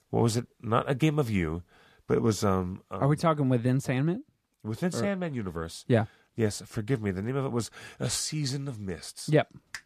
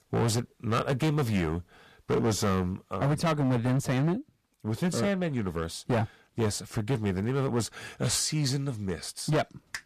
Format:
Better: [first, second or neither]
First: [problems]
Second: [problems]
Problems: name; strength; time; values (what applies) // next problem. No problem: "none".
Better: first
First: none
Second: distortion; heavy; 11% of the sound clipped